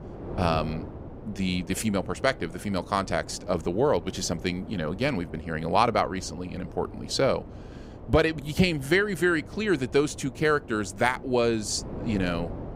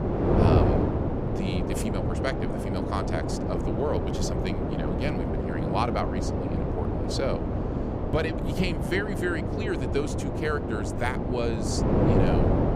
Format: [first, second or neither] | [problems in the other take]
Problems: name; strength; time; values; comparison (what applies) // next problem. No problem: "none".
first | wind noise on the microphone; heavy; 1 dB above the speech; occasional gusts in the first